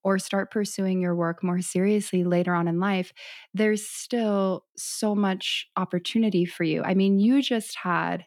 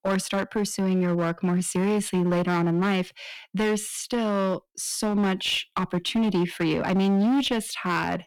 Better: first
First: none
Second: distortion; slight; 16% of the sound clipped

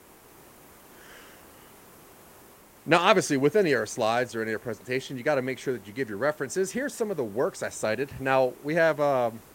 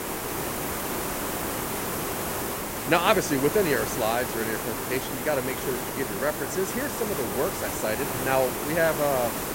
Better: first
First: hiss; faint; throughout; 25 dB below the speech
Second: hiss; loud; throughout; 2 dB below the speech

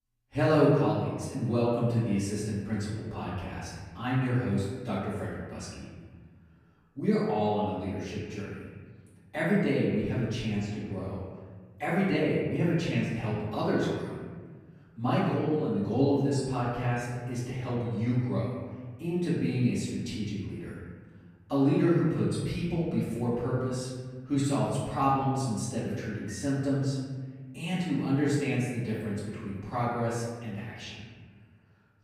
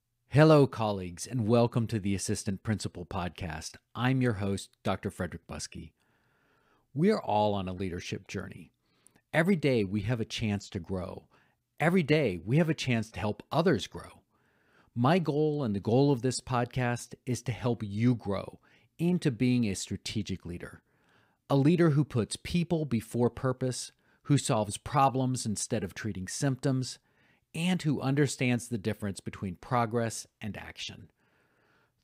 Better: second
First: off-mic speech; far // room echo; strong; dies away in 1.5 s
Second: none

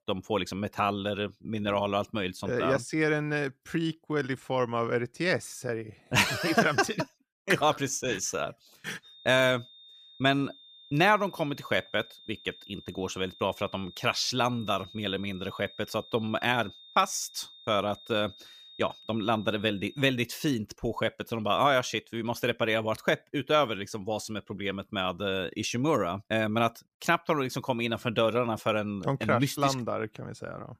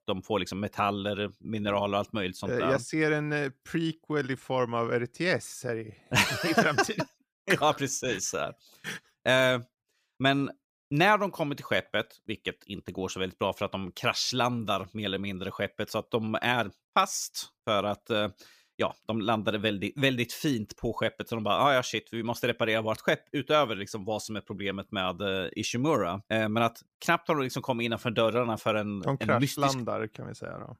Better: second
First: high-pitched whine; faint; from 9 to 20 s; 3.5 kHz, 20 dB below the speech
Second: none

